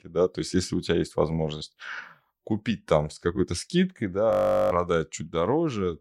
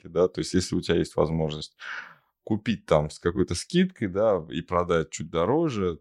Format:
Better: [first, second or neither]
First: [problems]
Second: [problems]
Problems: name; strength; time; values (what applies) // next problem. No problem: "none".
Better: second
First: audio freezing; at 4.5 s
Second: none